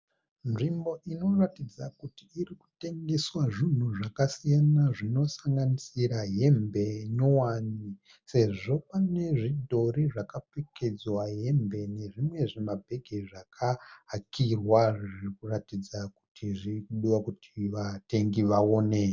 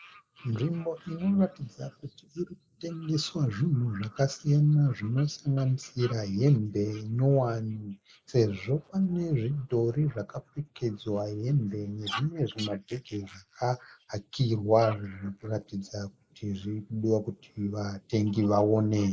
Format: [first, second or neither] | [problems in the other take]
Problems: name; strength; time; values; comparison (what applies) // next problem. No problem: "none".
first | noise reduction (neural mask model Resemble Enhance denoiser)